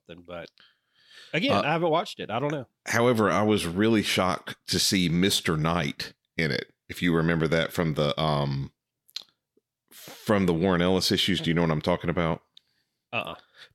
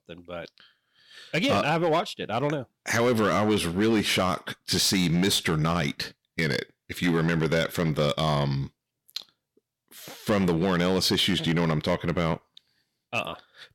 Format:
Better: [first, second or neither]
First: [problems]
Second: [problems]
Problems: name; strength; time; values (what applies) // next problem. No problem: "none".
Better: first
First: none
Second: distortion; slight; 7% of the sound clipped